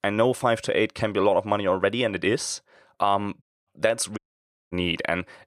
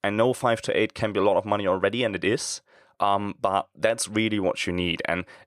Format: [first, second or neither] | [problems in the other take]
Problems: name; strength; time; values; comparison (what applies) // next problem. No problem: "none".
second | audio cutting out; at 3.5 s and at 4 s for 0.5 s